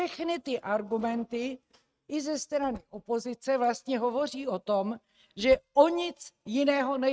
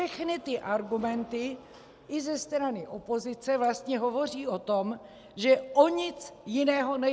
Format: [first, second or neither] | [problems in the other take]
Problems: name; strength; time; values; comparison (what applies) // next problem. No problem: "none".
second | noise reduction (neural mask model RNNoise)